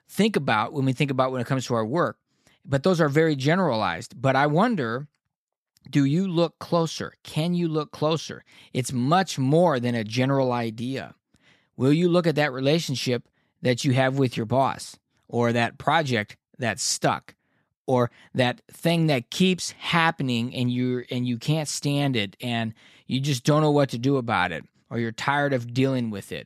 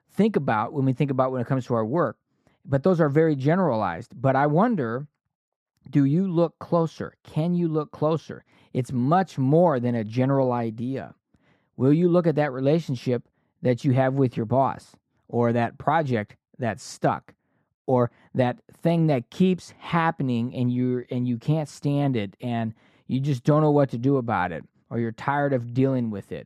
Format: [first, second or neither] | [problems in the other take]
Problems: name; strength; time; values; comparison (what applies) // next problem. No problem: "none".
first | muffled; slightly; fading above 2 kHz